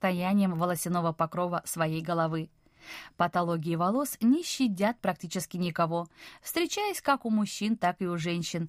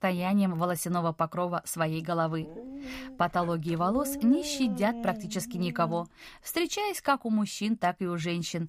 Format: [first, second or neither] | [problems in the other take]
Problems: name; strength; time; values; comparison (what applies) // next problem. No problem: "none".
first | dog barking; noticeable; from 2.5 to 6 s; peak 7 dB below the speech